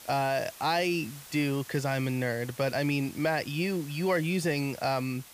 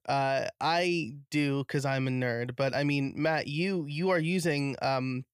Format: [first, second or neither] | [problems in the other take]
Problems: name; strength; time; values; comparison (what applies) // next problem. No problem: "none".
second | hiss; noticeable; throughout; 15 dB below the speech